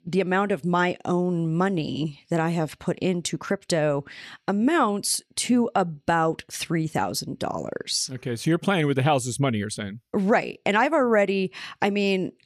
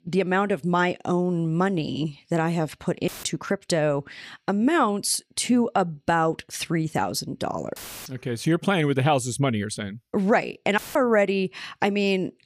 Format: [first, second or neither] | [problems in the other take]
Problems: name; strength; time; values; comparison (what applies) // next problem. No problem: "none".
first | audio cutting out; filled with static; at 3 s, at 8 s and at 11 s